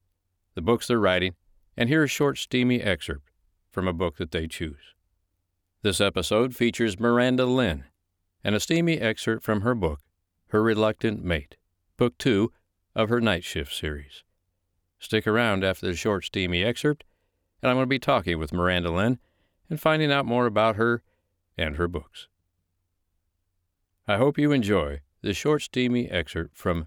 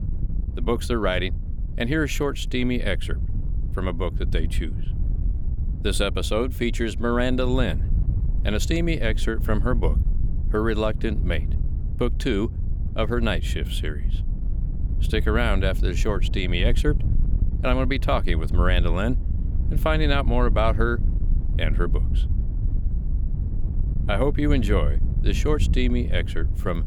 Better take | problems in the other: first | wind noise on the microphone; occasional gusts; 15 dB below the speech

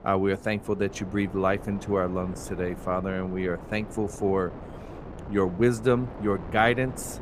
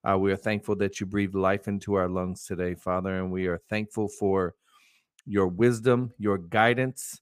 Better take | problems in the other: second | wind noise on the microphone; occasional gusts; 15 dB below the speech

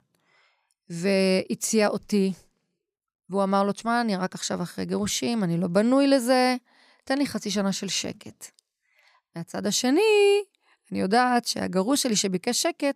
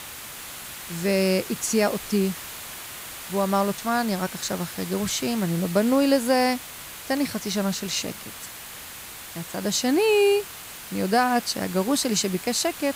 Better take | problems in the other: first | hiss; noticeable; throughout; 10 dB below the speech

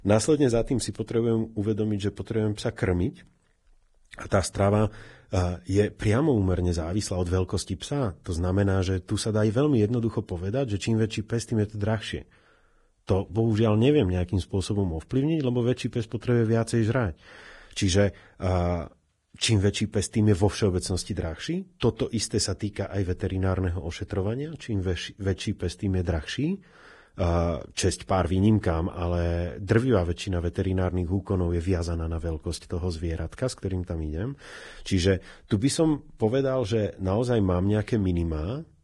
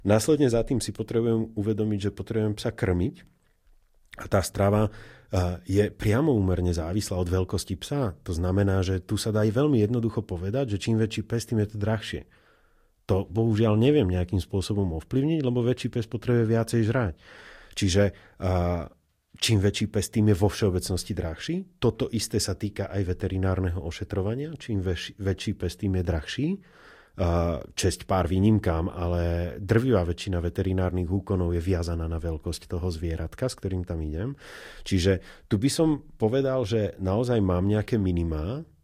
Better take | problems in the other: second | garbled, watery; badly; nothing above 10.5 kHz; slightly in the second

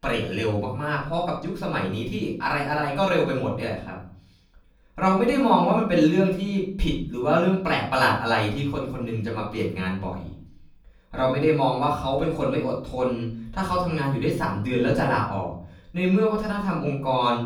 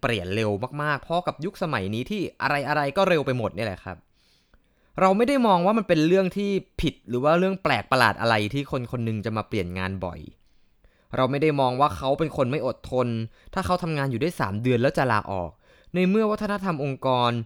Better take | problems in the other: second | off-mic speech; far // room echo; slight; dies away in 0.5 s

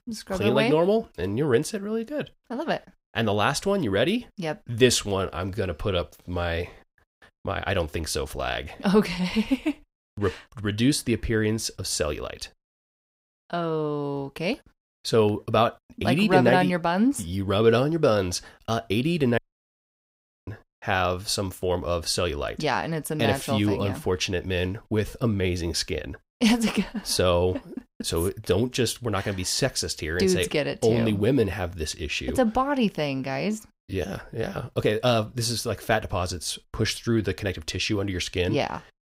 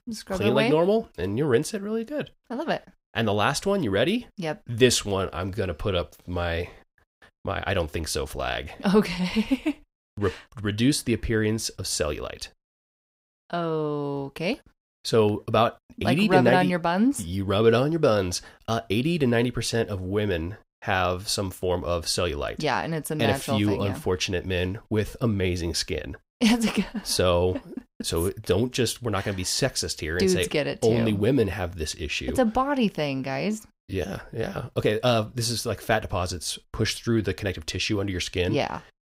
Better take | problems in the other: second | audio cutting out; at 19 s for 1 s

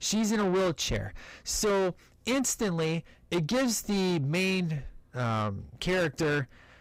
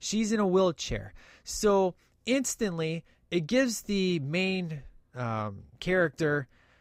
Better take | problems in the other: second | distortion; heavy; 7 dB below the speech

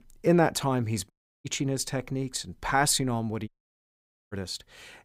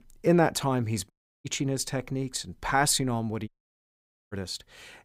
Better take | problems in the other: neither | audio cutting out; at 1 s and at 3.5 s for 1 s; the same in both

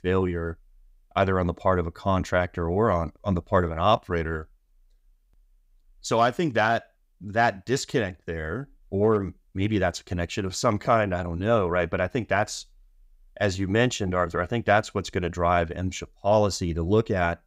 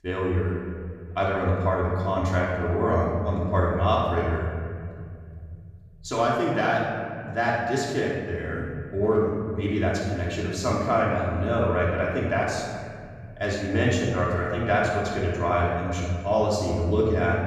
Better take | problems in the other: first | room echo; noticeable; dies away in 2.5 s // off-mic speech; far

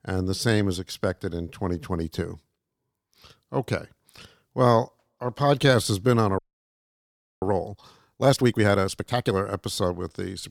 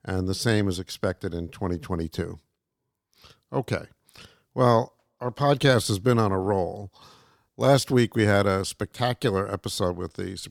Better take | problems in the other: second | audio freezing; at 6.5 s for 1 s

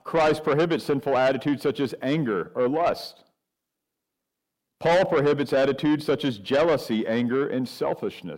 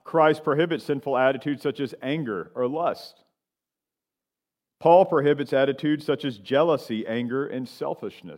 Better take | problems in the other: second | distortion; heavy; 7 dB below the speech

